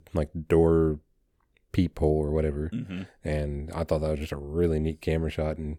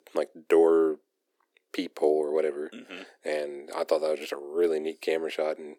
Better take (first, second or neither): first